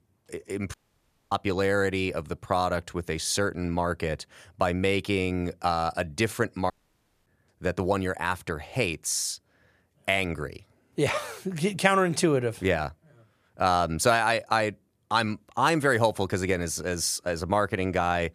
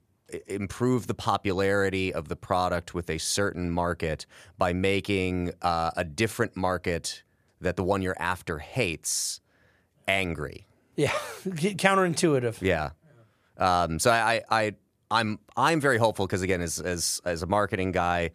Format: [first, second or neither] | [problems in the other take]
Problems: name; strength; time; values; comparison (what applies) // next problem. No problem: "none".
second | audio cutting out; at 0.5 s for 0.5 s and at 6.5 s for 0.5 s